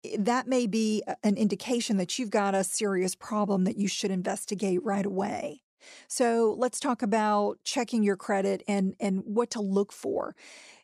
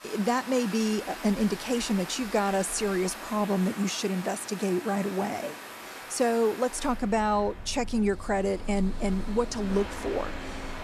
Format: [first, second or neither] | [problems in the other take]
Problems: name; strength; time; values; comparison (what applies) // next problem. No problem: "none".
first | rain or running water; noticeable; throughout; 10 dB below the speech